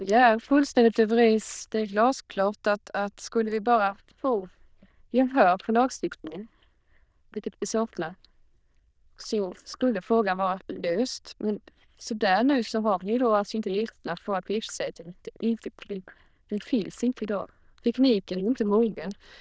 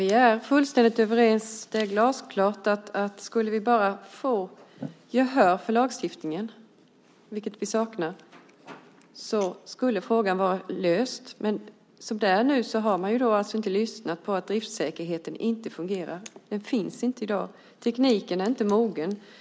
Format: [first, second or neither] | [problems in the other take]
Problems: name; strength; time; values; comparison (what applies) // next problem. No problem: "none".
second | noise reduction (neural diffusion model UNIVERSE++)